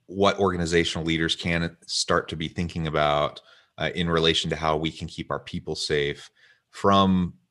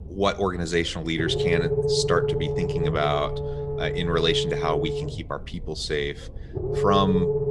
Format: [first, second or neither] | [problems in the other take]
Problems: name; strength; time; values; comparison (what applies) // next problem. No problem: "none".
first | low rumble; loud; throughout; 2 dB below the speech